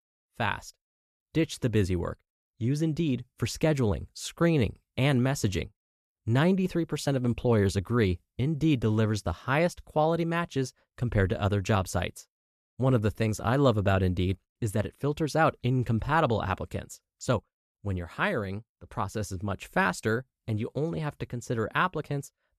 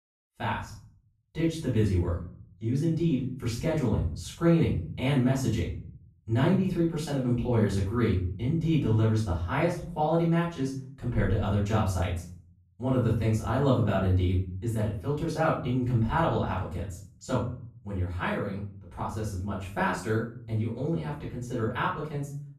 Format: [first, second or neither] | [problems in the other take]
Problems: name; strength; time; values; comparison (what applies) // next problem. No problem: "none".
first | off-mic speech; far // room echo; noticeable; dies away in 0.5 s